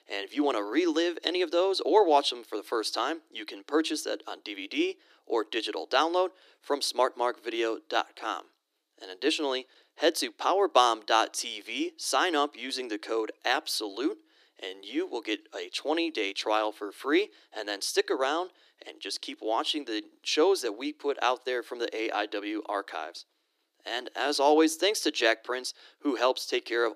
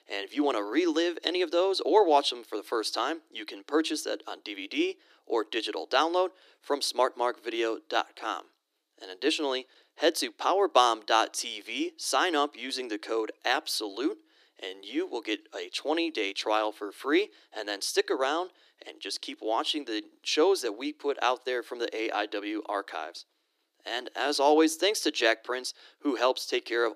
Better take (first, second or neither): neither